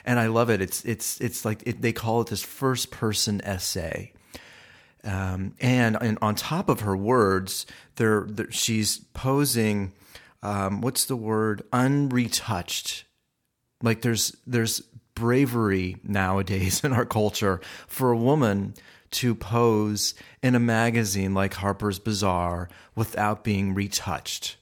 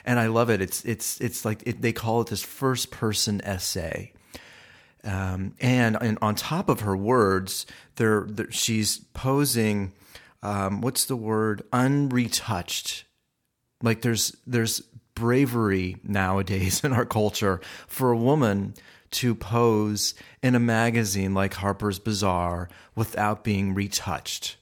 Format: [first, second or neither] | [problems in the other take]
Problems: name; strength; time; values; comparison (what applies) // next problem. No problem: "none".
neither | none